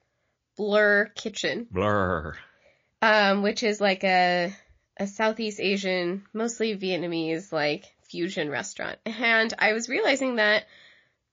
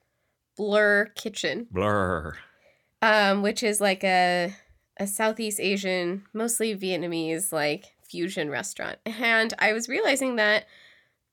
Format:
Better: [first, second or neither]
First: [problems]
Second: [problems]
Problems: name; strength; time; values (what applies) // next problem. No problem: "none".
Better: second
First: garbled, watery; slightly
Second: none